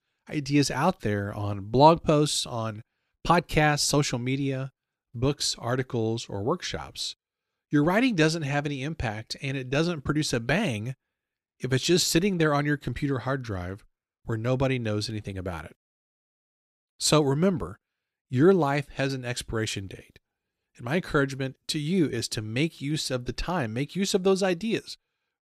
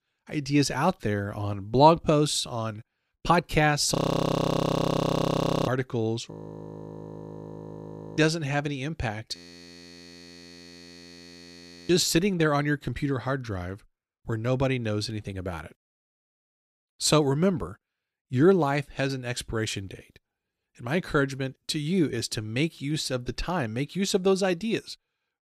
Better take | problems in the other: first | audio freezing; at 4 s for 1.5 s, at 6.5 s for 2 s and at 9.5 s for 2.5 s

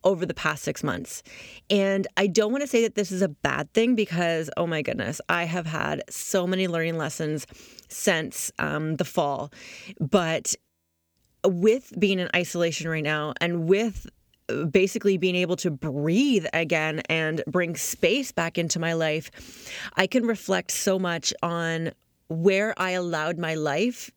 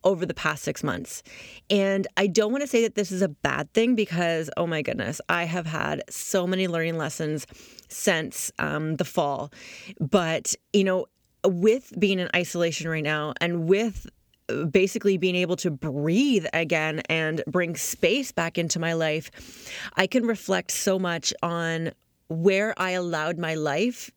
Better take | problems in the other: second | audio freezing; at 11 s

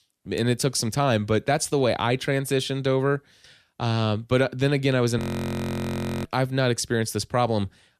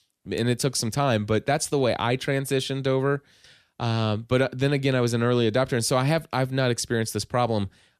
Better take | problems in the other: second | audio freezing; at 5 s for 1 s

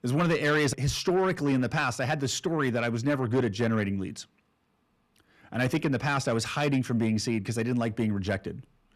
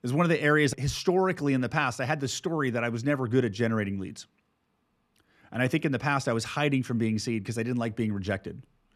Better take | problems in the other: second | distortion; slight; 10 dB below the speech

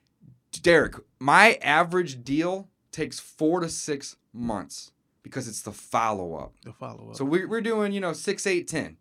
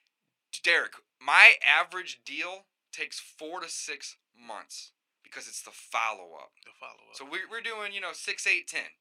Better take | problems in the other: first | thin; very; fading below 800 Hz

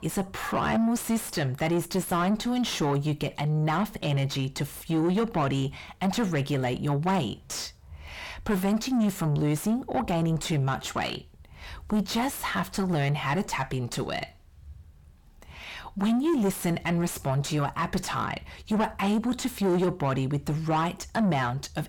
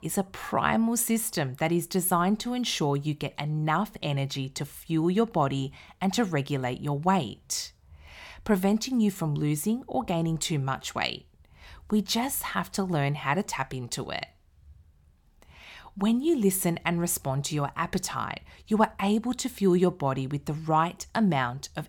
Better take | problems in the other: second | distortion; heavy; 6 dB below the speech

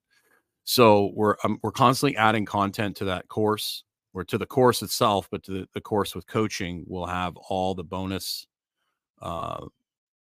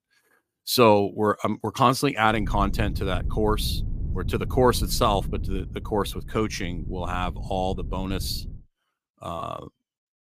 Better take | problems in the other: first | low rumble; faint; from 2.5 to 8.5 s; 20 dB below the speech

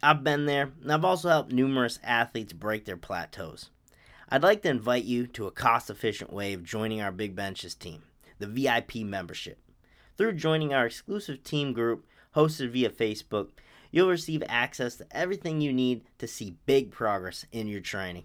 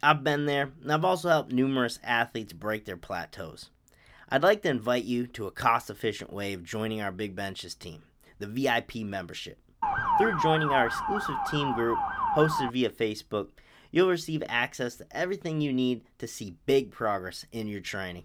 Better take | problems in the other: first | siren; loud; from 10 to 13 s; peak 3 dB above the speech

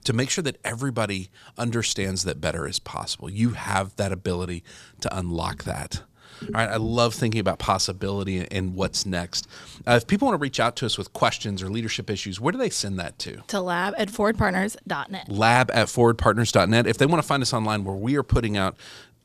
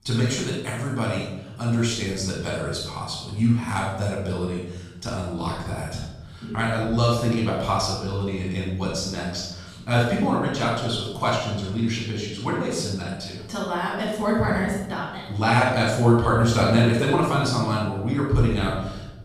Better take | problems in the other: first | off-mic speech; far // room echo; strong; dies away in 1 s

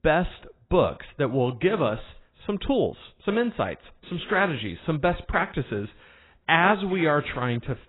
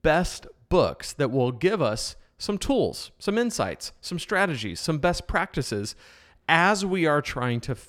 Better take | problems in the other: second | garbled, watery; badly; nothing above 4 kHz

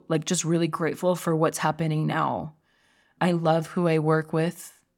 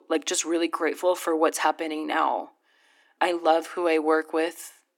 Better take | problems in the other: first | thin; very; fading below 300 Hz

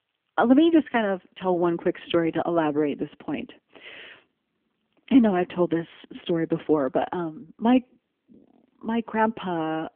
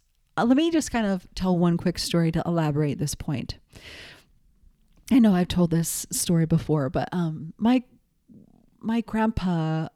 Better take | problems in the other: second | phone-call audio; nothing above 3.5 kHz

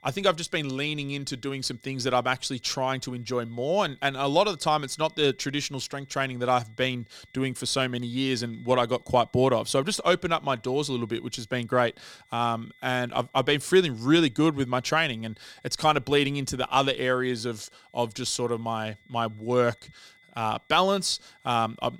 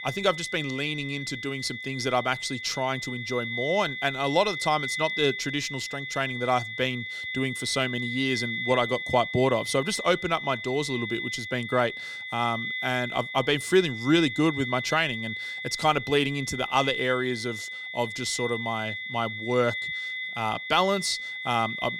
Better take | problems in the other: first | high-pitched whine; loud; throughout; 2 kHz, 5 dB below the speech; faint in the first

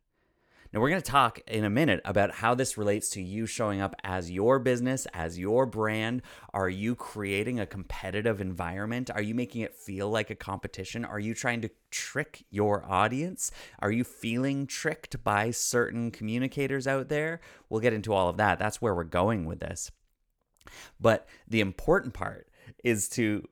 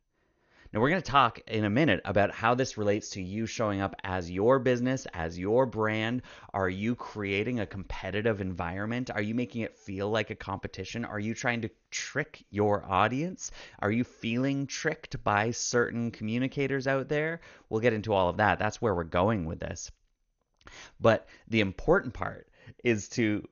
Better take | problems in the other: first | garbled, watery; slightly; nothing above 6.5 kHz

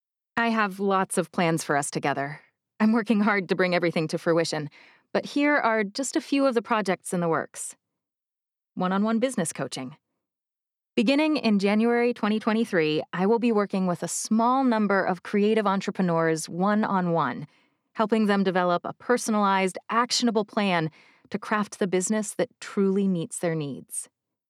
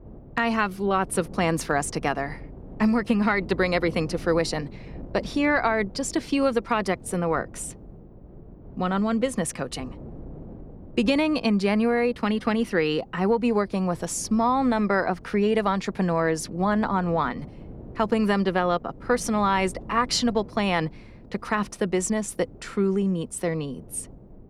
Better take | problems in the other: first | wind noise on the microphone; occasional gusts; 25 dB below the speech

